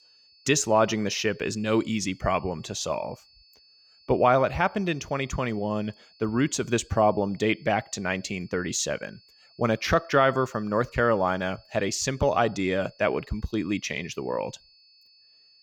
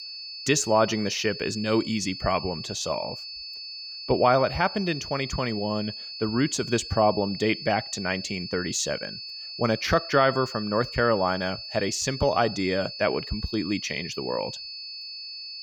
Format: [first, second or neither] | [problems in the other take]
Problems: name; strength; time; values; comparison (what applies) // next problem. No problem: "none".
first | high-pitched whine; loud; throughout; 4.5 kHz, 9 dB below the speech; faint in the first